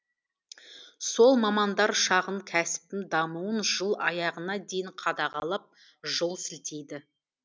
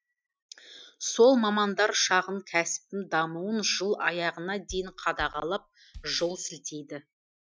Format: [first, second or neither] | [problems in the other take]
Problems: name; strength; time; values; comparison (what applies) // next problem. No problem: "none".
first | noise reduction (classical method Wiener filter)